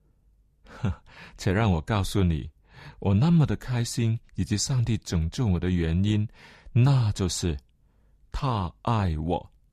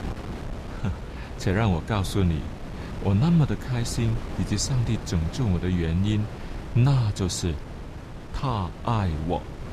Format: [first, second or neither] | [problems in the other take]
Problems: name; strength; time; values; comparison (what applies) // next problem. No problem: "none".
first | wind noise on the microphone; heavy; 10 dB below the speech